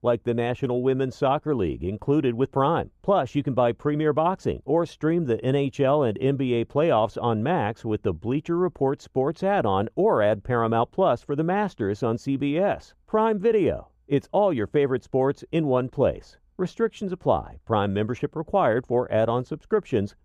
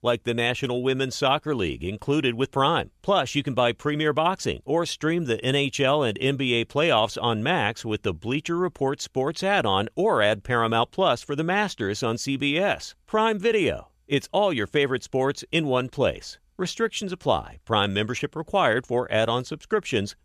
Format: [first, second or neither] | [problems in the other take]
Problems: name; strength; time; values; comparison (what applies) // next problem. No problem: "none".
second | muffled; very; fading above 1.5 kHz